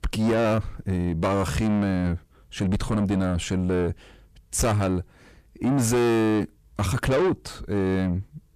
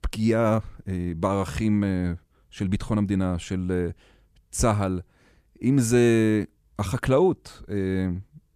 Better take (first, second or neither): second